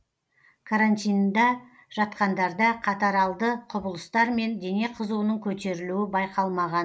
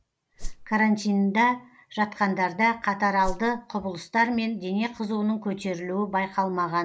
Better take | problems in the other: first | background sound (Whoosh, swoosh, swish); 6 dB below the speech

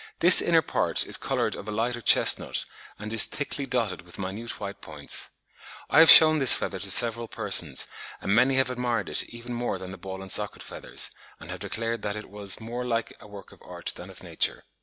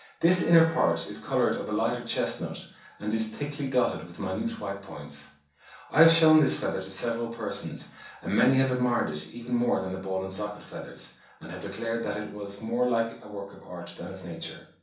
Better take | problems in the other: first | background sound (Piano); 17 dB below the speech // room echo; dies away in 0.6 s

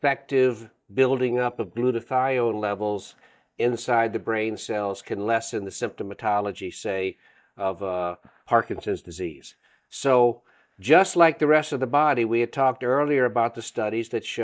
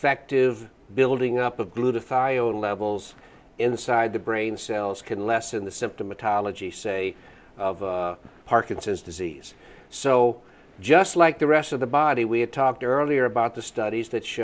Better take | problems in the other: second | noise reduction (neural mask model DeepFilterNet 3)

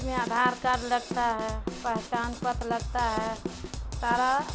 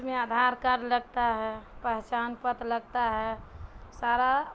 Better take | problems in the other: second | background sound (Drum kit); 7 dB below the speech

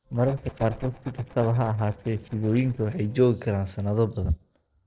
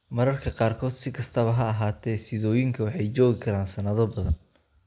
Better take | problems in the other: second | noise reduction (neural separator model SepFormer DNS4)

